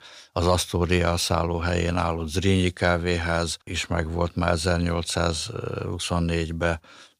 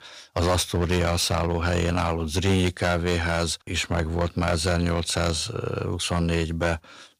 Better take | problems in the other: first | distortion; slight; 8% of the sound clipped

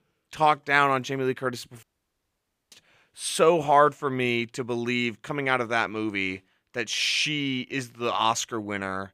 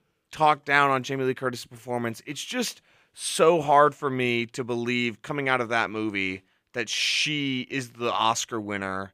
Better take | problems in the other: second | audio cutting out; at 2 s for 1 s

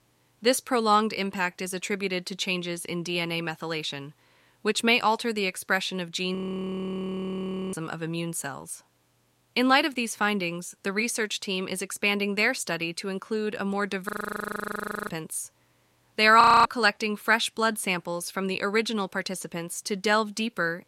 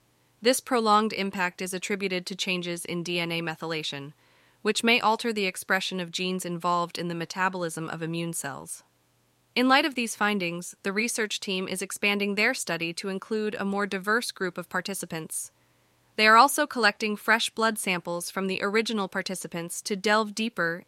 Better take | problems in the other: second | audio freezing; at 6.5 s for 1.5 s, at 14 s for 1 s and at 16 s

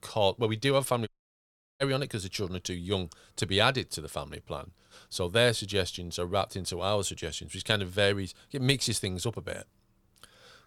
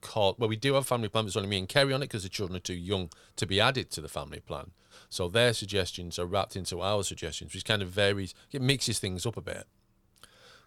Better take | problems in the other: second | audio cutting out; at 1 s for 0.5 s

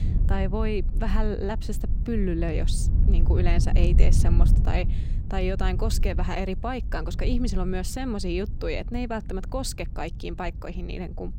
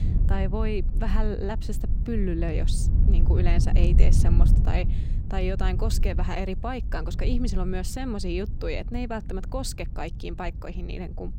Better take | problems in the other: first | wind noise on the microphone; heavy; 9 dB below the speech; occasional gusts in the first

